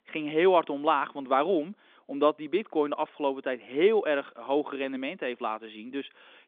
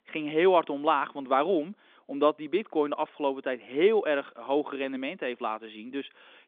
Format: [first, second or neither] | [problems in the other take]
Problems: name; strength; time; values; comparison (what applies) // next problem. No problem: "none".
neither | phone-call audio; nothing above 3.5 kHz; the same in both